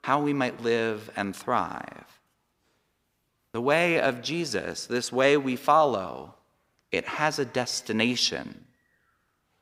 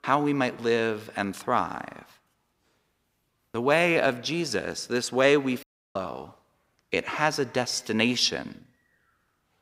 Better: first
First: none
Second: audio cutting out; at 5.5 s

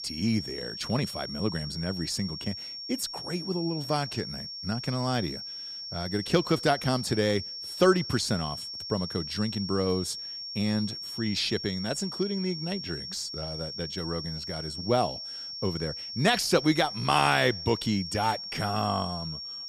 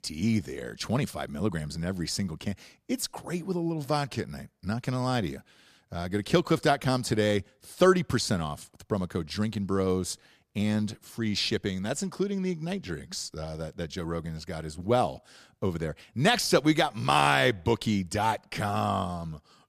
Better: second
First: high-pitched whine; loud; throughout; 5.5 kHz, 6 dB below the speech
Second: none

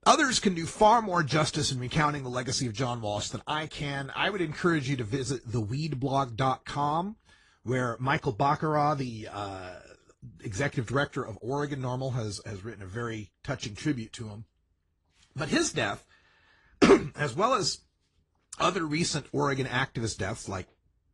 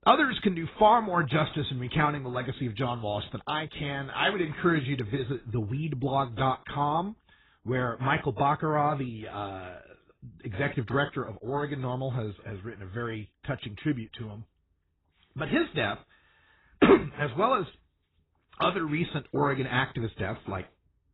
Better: first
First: garbled, watery; slightly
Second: garbled, watery; badly; nothing above 4 kHz

